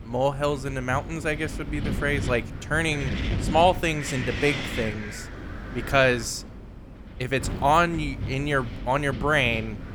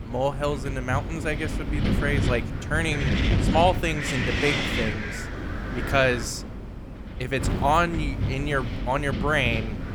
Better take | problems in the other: first | wind noise on the microphone; heavy; 6 dB below the speech; occasional gusts in the first

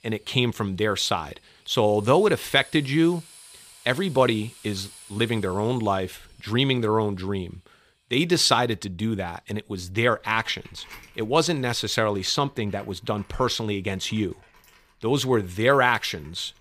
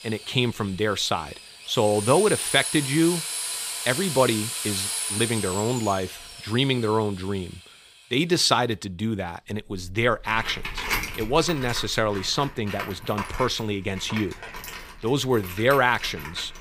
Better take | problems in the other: first | machinery noise; loud; throughout; 6 dB below the speech; faint in the first

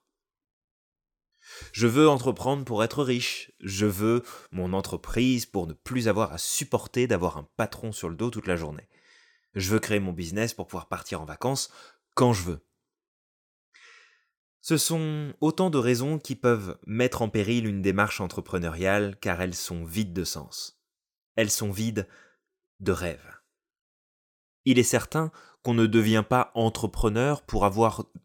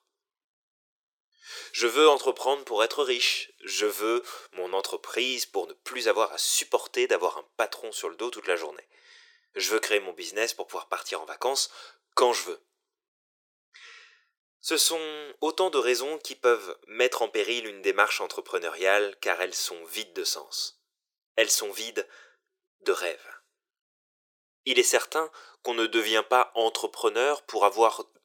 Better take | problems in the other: first | thin; very; fading below 400 Hz

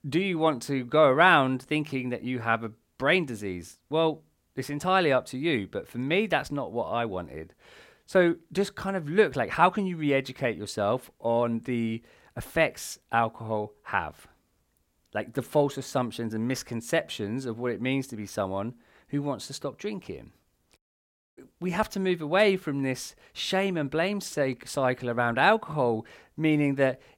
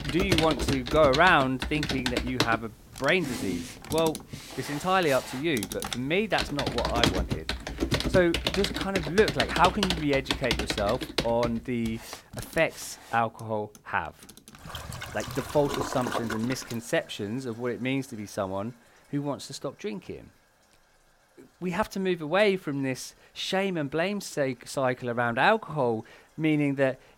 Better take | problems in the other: first | household noises; loud; throughout; 4 dB below the speech

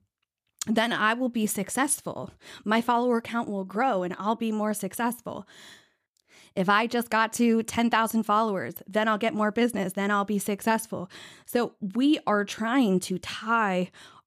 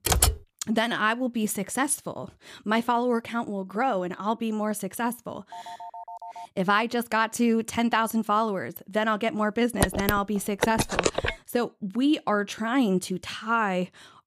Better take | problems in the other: first | keyboard typing; loud; at the start; peak 4 dB above the speech // phone ringing; faint; at 5.5 s; peak 15 dB below the speech // phone ringing; loud; from 10 to 11 s; peak 1 dB above the speech

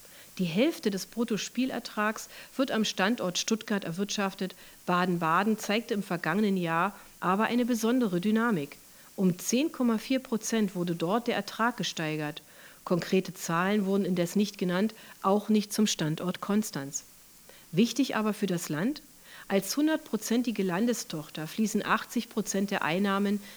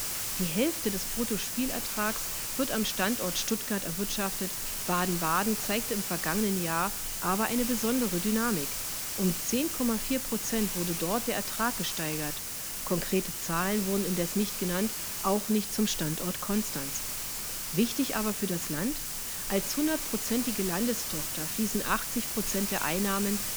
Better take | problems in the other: first | hiss; loud; throughout; 1 dB below the speech; faint in the first

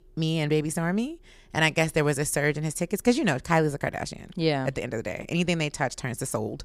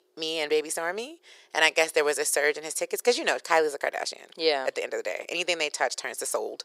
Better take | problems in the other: first | thin; very; fading below 450 Hz

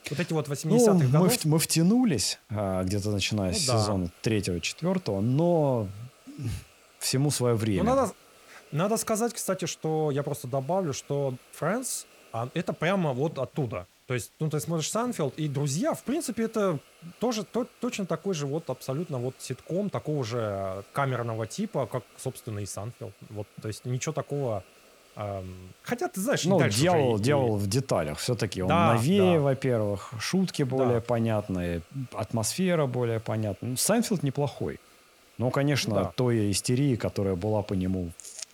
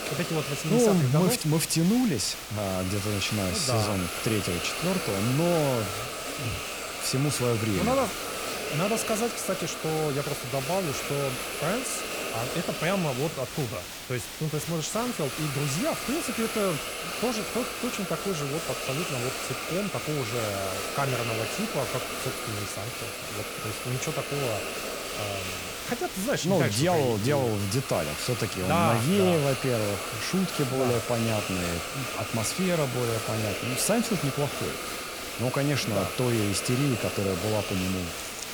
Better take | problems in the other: first | hiss; loud; throughout; 4 dB below the speech; faint in the first

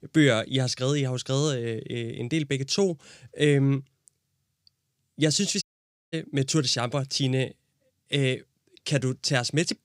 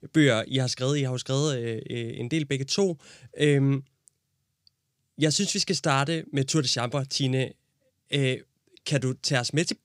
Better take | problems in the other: second | audio cutting out; at 5.5 s for 0.5 s

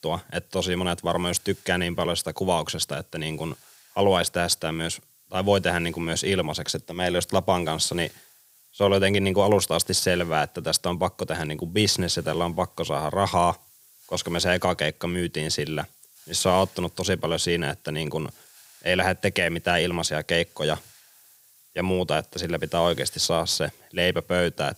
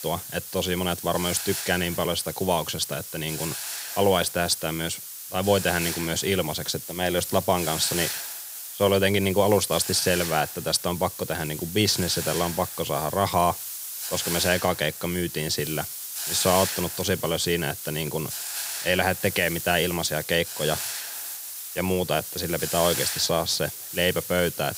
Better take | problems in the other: first | hiss; loud; throughout; 6 dB below the speech; faint in the first

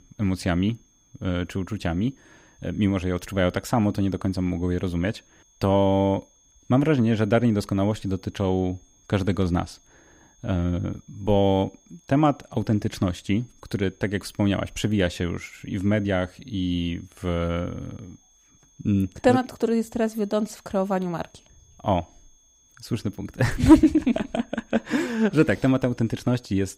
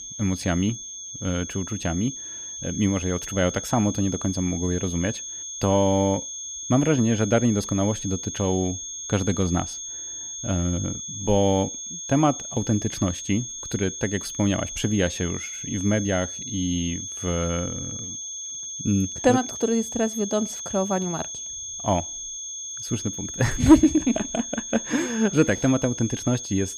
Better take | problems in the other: first | high-pitched whine; loud; throughout; 6.5 kHz, 7 dB below the speech; faint in the first

